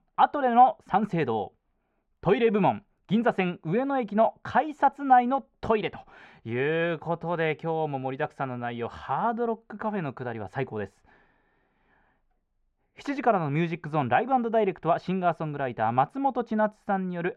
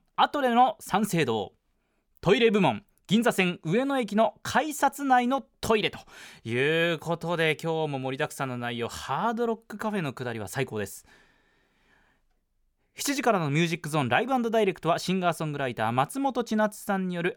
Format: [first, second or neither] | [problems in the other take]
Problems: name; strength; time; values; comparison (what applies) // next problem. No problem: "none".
second | muffled; very; fading above 2 kHz